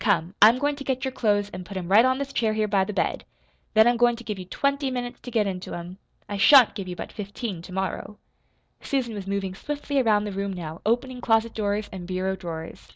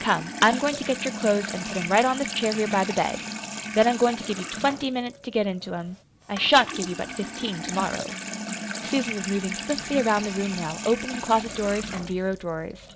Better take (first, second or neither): first